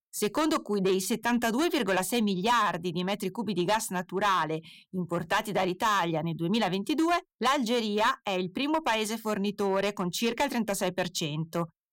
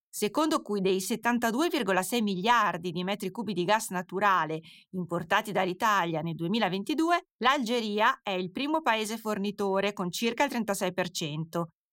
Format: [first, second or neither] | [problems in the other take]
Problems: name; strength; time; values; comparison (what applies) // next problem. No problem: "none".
second | distortion; slight; 5% of the sound clipped